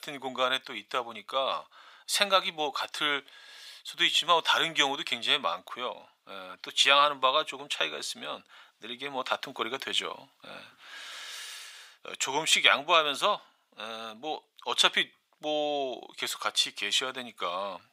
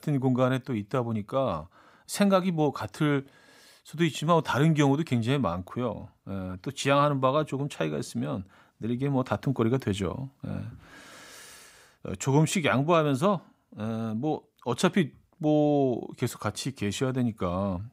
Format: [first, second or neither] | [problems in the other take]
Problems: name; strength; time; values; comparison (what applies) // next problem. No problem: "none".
second | thin; very; fading below 750 Hz